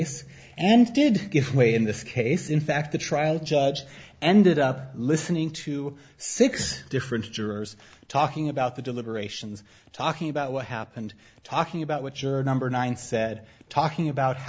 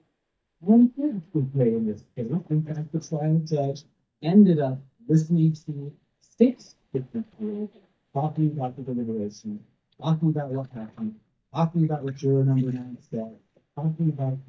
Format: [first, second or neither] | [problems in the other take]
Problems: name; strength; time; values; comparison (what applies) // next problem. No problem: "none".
first | noise reduction (neural mask model DeepFilterNet 3)